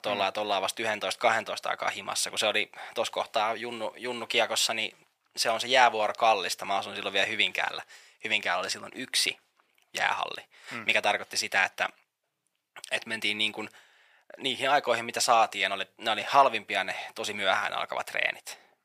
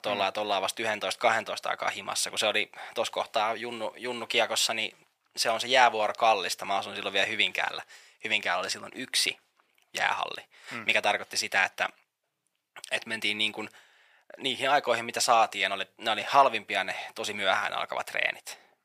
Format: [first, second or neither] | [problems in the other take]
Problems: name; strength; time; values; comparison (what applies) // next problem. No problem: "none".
neither | thin; very; fading below 750 Hz; the same in both